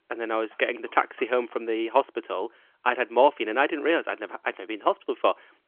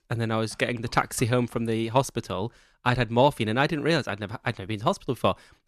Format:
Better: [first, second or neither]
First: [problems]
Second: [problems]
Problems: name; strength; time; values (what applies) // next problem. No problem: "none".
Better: second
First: phone-call audio; nothing above 3.5 kHz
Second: none